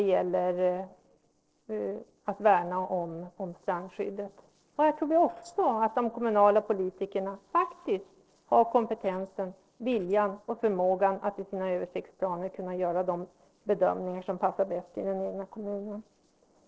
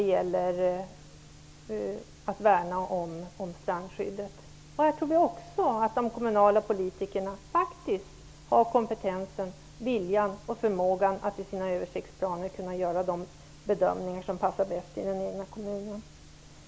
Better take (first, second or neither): second